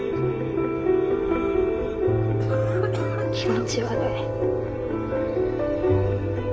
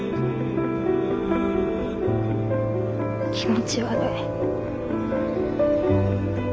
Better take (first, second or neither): second